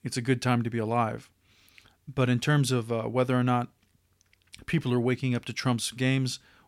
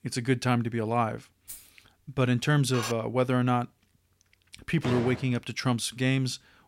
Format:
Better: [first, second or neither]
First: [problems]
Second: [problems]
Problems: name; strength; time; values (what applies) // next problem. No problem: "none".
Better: first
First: none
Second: jangling keys; faint; at 1.5 s; peak 15 dB below the speech // clattering dishes; noticeable; at 2.5 s; peak 8 dB below the speech // door banging; noticeable; at 5 s; peak 7 dB below the speech